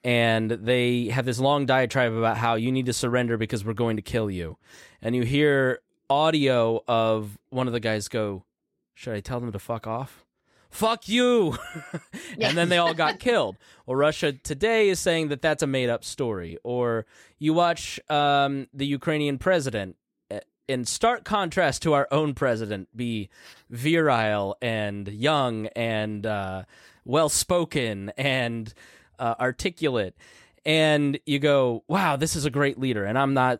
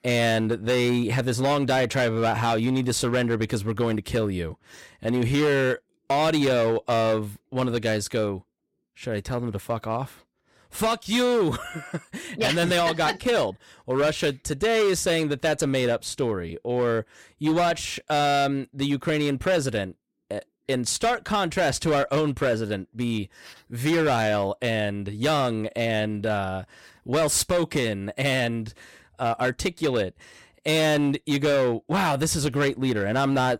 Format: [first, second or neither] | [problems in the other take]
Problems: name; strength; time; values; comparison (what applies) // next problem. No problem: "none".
first | distortion; slight; 11% of the sound clipped